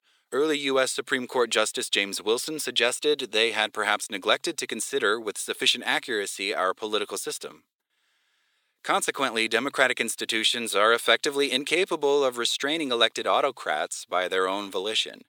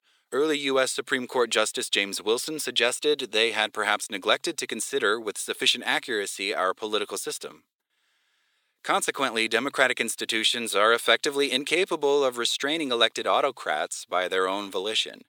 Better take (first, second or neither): neither